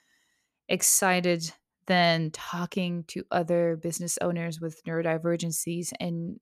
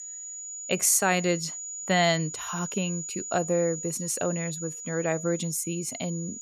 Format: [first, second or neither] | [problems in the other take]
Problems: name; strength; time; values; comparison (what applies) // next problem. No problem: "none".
first | high-pitched whine; loud; throughout; 7 kHz, 8 dB below the speech